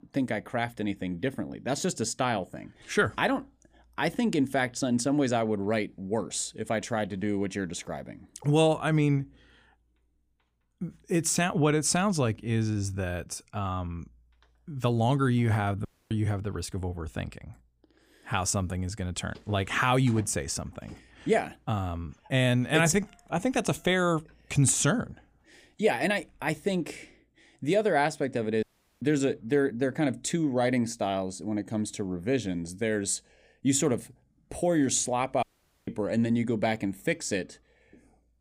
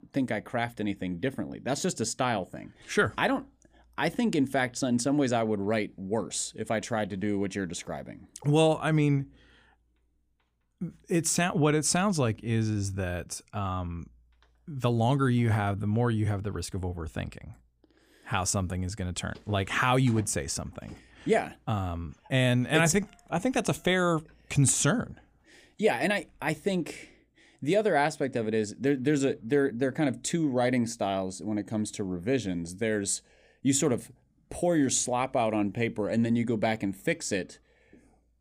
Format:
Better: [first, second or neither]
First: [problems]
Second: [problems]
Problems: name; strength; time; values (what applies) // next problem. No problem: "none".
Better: second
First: audio cutting out; at 16 s, at 29 s and at 35 s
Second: none